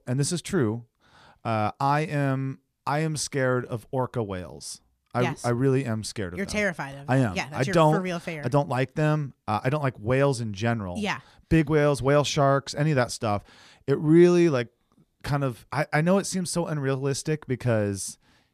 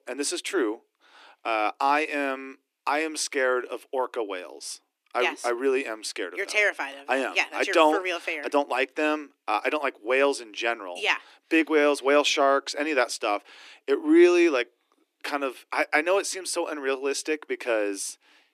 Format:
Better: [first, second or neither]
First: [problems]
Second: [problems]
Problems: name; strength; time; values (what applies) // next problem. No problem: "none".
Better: first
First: none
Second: thin; somewhat; fading below 300 Hz